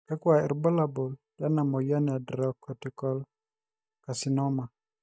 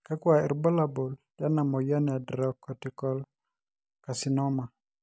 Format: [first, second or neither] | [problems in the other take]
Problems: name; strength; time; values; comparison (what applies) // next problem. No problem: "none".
second | noise reduction (neural mask model DeepFilterNet 3)